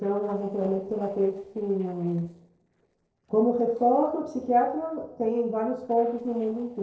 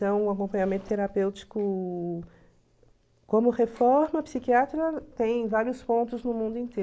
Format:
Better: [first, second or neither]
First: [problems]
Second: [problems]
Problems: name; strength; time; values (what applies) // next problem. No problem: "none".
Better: second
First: noise reduction (neural separator model SepFormer DNS4)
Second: none